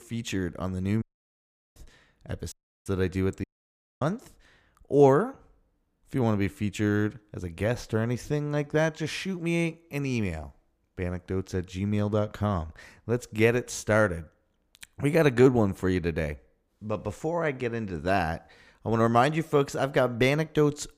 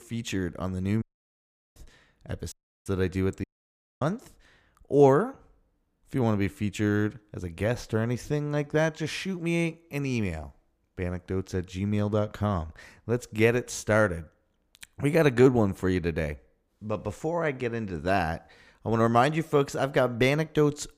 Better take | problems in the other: neither | audio cutting out; at 1 s for 0.5 s, at 2.5 s and at 3.5 s for 0.5 s; the same in both

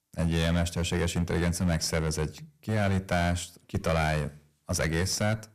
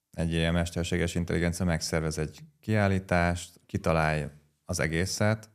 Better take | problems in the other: second | distortion; heavy; 10% of the sound clipped

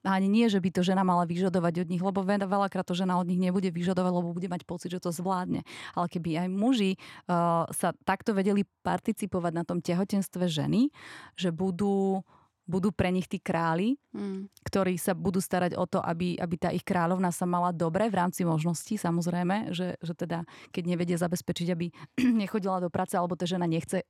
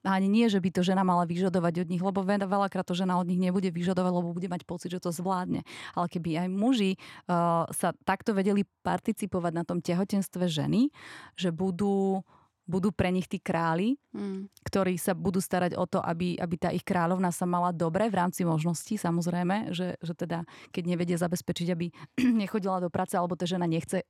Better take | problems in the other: neither | none

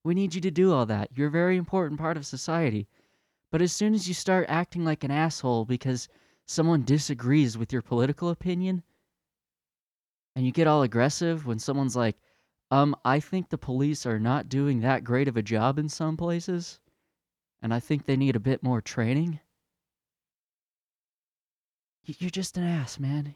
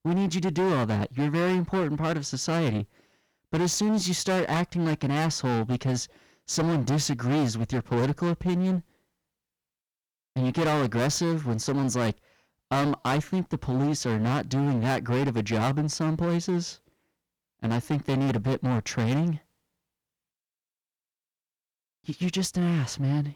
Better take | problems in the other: first | distortion; heavy; 19% of the sound clipped

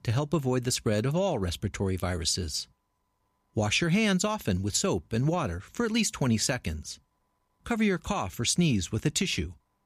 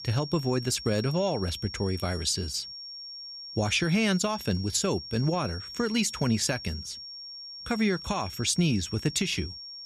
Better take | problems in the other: first | high-pitched whine; noticeable; throughout; 5.5 kHz, 10 dB below the speech

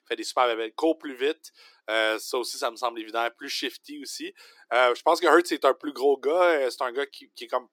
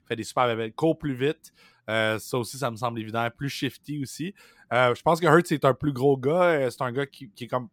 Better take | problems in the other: second | thin; somewhat; fading below 350 Hz

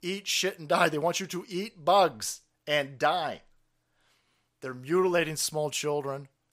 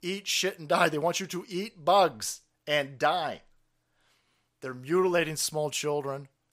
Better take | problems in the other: neither | none

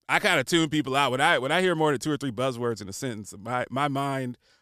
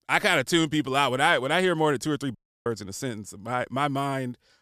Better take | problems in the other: first | audio cutting out; at 2.5 s

